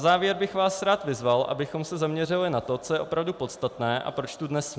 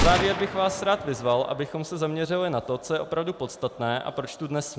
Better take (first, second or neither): first